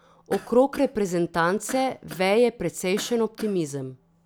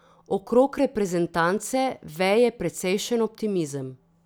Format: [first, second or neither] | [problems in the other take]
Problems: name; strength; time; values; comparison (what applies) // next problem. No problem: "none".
second | background sound (Cough); 20 dB below the speech